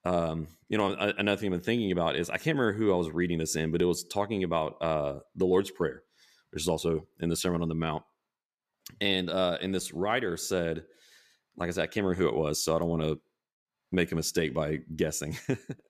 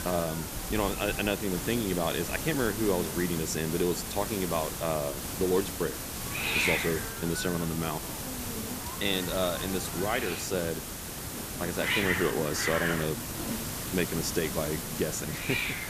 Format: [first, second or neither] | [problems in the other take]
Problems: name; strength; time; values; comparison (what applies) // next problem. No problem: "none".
first | hiss; loud; throughout; 2 dB below the speech